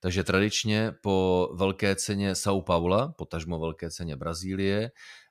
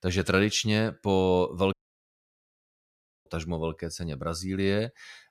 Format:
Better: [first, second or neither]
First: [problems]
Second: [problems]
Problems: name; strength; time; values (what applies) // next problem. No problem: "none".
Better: first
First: none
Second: audio cutting out; at 1.5 s for 1.5 s